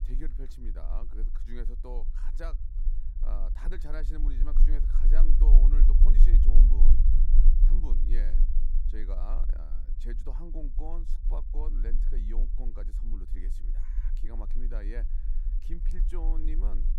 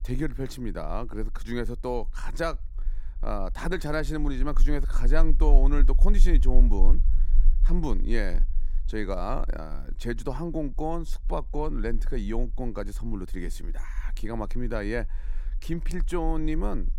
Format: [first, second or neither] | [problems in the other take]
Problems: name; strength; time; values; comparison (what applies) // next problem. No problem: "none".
second | low rumble; loud; throughout; 5 dB below the speech; faint in the second